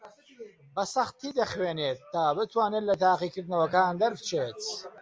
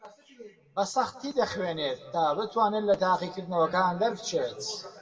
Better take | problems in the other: first | room echo; dies away in 1.1 s

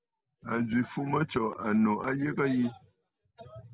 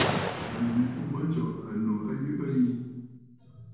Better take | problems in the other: first | background sound (Explosion); 6 dB below the speech // room echo; dies away in 1.2 s

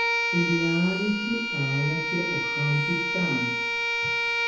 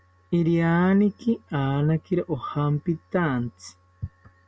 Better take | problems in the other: second | background sound (Bowed string instrument); 1 dB above the speech // room echo; dies away in 0.7 s

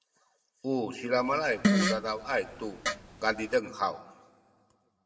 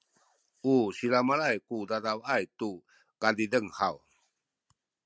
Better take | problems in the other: second | background sound (Fart); 1 dB above the speech // room echo; dies away in 1 s

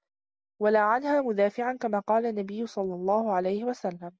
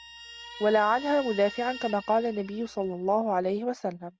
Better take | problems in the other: first | background sound (Guitar); 17 dB below the speech

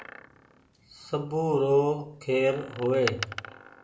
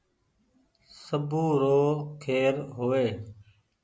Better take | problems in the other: second | background sound (Door); 14 dB below the speech // room echo; dies away in 0.4 s

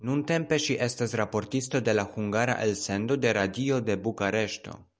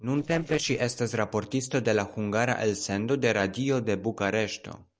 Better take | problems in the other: first | noise reduction (neural separator model SepFormer DNS4)

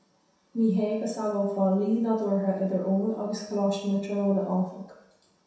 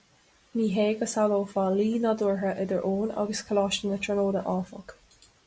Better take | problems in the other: second | room echo; dies away in 0.7 s

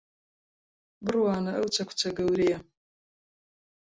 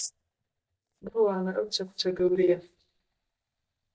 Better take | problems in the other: first | noise reduction (neural mask model DeepFilterNet 3)

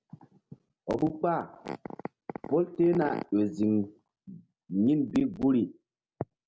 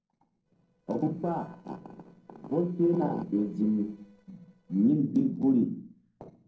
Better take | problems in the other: first | noise reduction (neural separator model SepFormer DNS4)

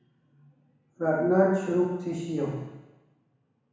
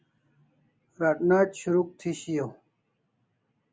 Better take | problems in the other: second | room echo; dies away in 1.1 s

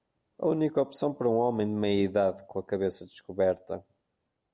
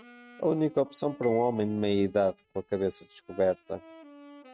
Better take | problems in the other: first | noise reduction (neural mask model RNNoise)

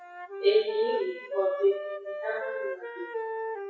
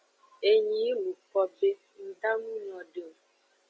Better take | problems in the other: second | noise reduction (classical method WPE with log-MMSE)

